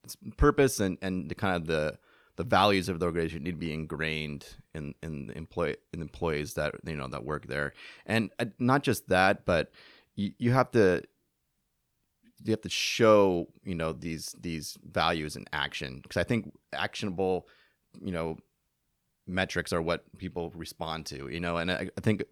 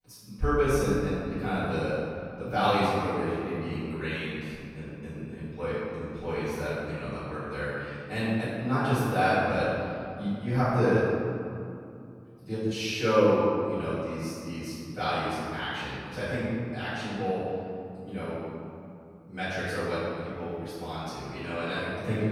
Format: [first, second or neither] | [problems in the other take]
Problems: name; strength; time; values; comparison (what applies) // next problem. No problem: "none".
first | off-mic speech; far // room echo; strong; dies away in 2.4 s